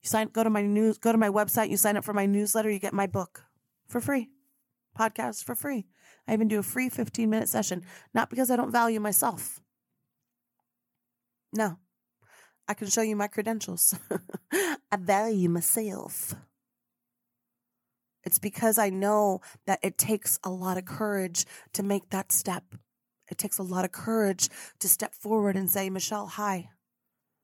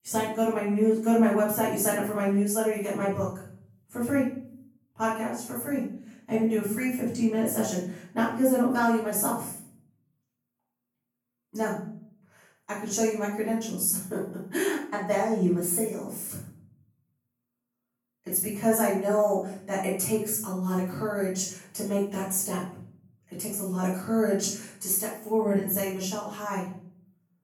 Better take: first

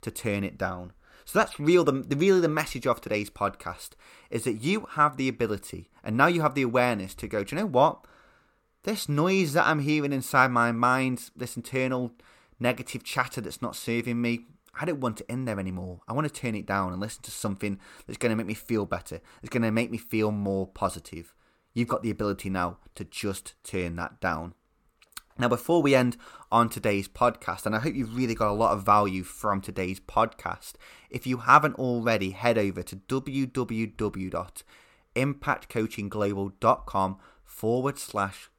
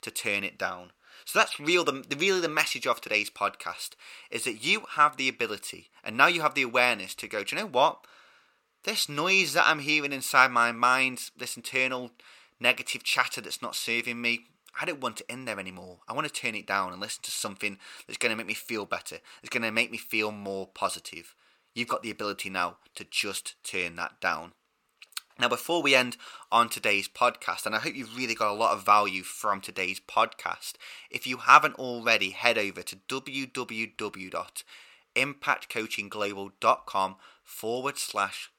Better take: first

